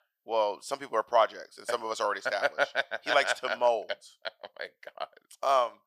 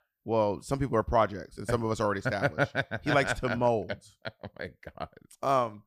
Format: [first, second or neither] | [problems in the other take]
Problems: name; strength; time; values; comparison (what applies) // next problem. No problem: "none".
second | thin; very; fading below 700 Hz